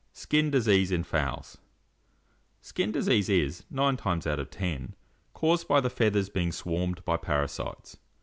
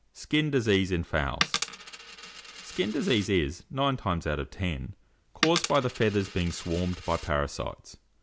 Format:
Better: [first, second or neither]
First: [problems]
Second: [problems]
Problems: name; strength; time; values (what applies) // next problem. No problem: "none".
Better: first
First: none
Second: background sound (Coin (dropping)); 10 dB below the speech